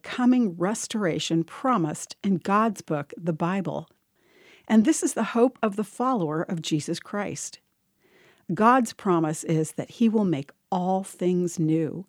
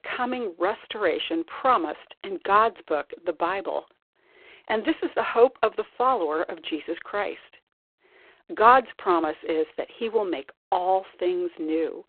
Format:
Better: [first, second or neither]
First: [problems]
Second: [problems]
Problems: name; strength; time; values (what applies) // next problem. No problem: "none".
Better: first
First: none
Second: phone-call audio; poor line